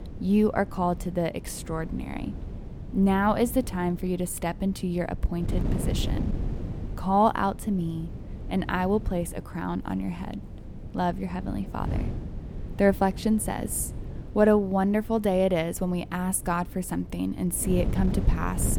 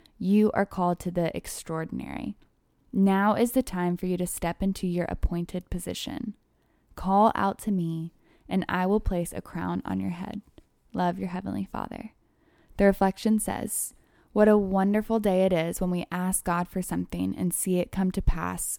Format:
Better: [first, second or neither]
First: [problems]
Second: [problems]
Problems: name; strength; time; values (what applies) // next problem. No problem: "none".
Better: second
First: wind noise on the microphone; occasional gusts; 15 dB below the speech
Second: none